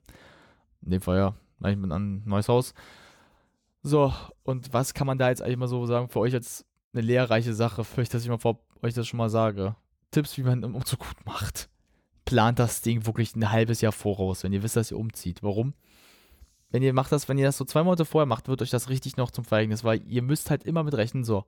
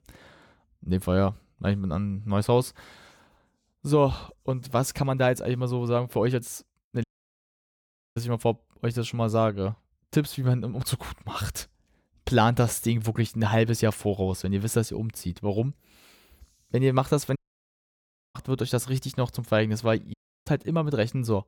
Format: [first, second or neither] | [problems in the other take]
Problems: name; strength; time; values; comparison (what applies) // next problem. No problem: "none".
first | audio cutting out; at 7 s for 1 s, at 17 s for 1 s and at 20 s